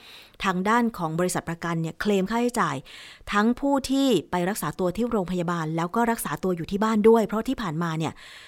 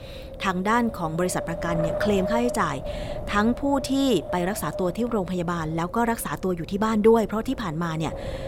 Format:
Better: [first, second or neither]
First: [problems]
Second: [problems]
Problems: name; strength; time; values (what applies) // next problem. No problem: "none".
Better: first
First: none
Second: wind noise on the microphone; heavy; 8 dB below the speech